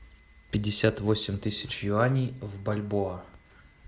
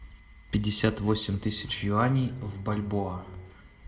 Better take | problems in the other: first | background sound (Bowed string instrument); 15 dB below the speech // room echo; dies away in 0.2 s

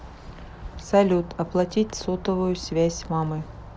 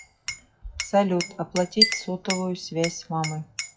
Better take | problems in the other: first | noise reduction (classical method WPE with log-MMSE)

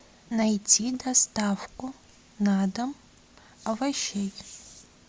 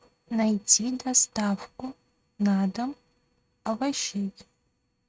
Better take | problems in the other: first | noise reduction (neural mask model RNNoise)

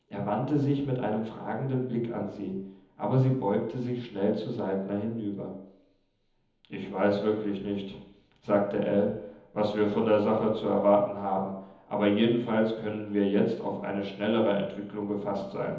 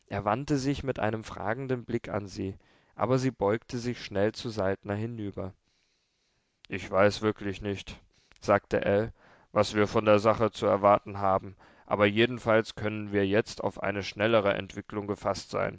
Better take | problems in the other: second | room echo; dies away in 1.3 s

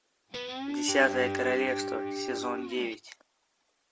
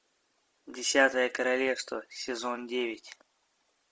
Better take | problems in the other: second | background sound (Guitar); 2 dB below the speech

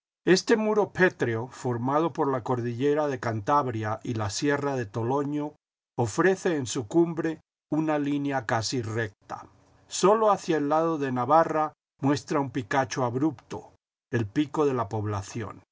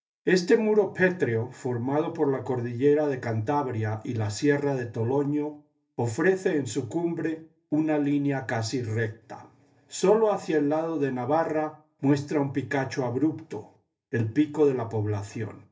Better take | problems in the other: first | room echo; dies away in 0.3 s

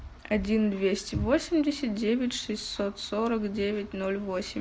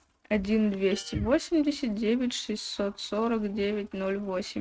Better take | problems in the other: first | noise reduction (neural mask model RNNoise)

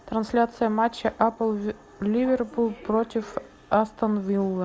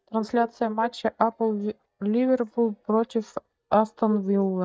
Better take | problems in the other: first | noise reduction (neural mask model DeepFilterNet 3)

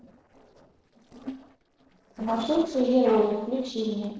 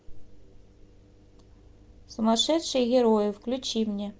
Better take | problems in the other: second | noise reduction (neural separator model SepFormer DNS4)

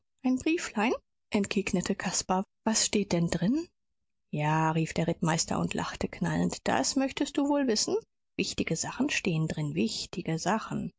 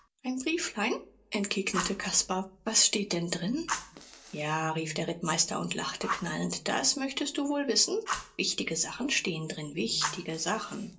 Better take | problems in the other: first | background sound (Fire); 12 dB below the speech // room echo; dies away in 0.2 s

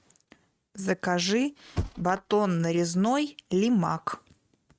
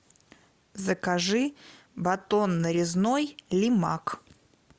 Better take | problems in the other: second | noise reduction (neural mask model RNNoise)

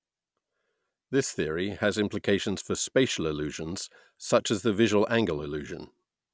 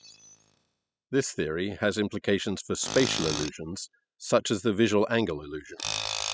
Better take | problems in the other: first | noise reduction (classical method spectral subtraction)

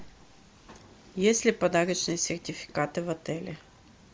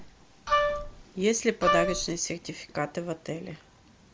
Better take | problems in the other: first | background sound (Wind instrument, woodwind instrument); 4 dB above the speech

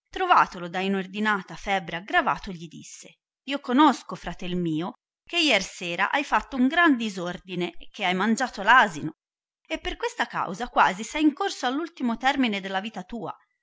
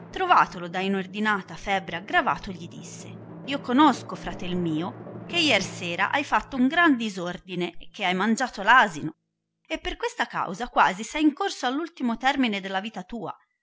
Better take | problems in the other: first | background sound (Drum); 19 dB below the speech

